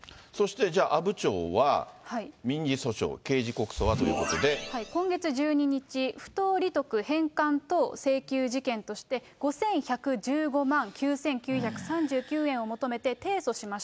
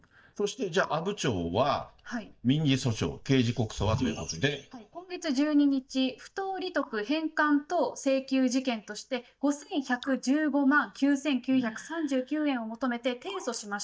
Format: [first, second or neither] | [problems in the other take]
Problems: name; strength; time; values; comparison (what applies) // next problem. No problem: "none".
first | noise reduction (neural mask model DeepFilterNet 3)